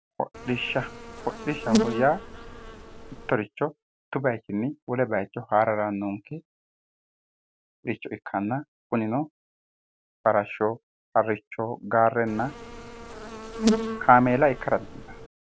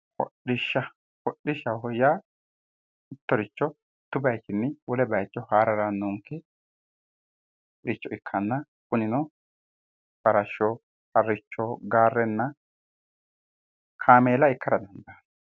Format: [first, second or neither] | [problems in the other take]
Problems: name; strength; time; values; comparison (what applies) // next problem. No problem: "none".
second | background sound (Insect); 4 dB below the speech